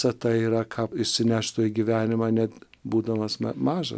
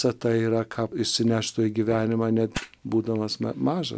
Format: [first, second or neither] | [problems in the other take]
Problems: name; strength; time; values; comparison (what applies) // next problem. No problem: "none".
first | background sound (Fire); 20 dB below the speech